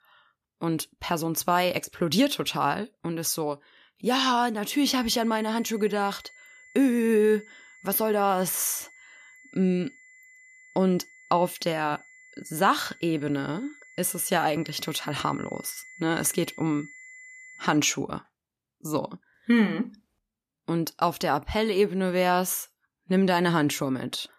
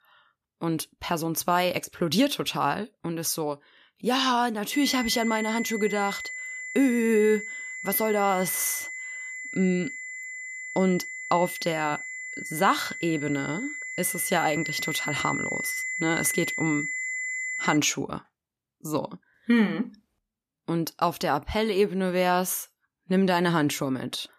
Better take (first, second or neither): first